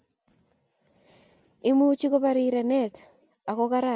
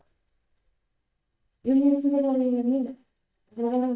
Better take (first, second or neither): first